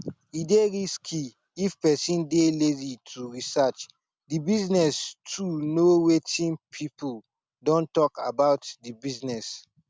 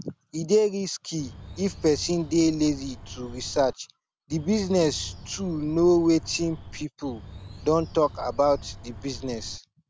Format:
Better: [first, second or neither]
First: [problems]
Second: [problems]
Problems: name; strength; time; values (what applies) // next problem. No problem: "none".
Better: first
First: none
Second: background sound (Bird); 15 dB below the speech